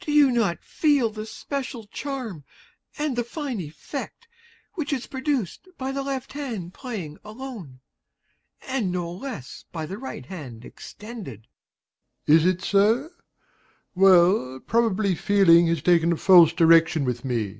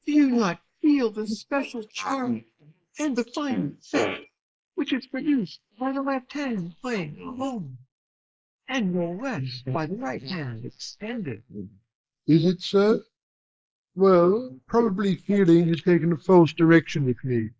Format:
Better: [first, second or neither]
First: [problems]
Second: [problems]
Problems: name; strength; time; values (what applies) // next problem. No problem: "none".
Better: first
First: none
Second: noise reduction (neural mask model Resemble Enhance denoiser)